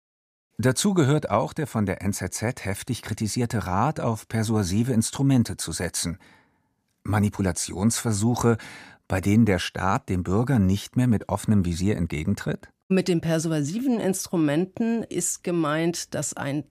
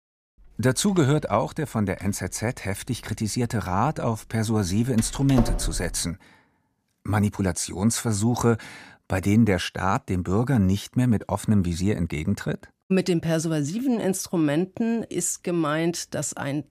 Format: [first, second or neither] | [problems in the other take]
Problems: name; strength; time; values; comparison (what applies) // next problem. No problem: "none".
first | door banging; noticeable; at 5 s; peak 4 dB below the speech